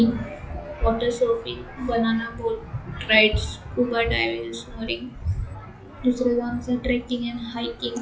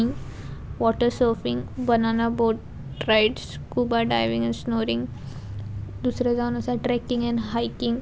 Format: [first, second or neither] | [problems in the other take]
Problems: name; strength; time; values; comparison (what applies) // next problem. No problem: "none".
second | noise reduction (classical method WPE with log-MMSE)